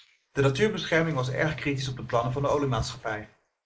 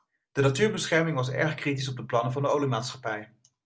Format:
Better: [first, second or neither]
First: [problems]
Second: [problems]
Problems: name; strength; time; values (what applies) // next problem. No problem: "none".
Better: second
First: noise reduction (neural mask model Resemble Enhance denoiser)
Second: none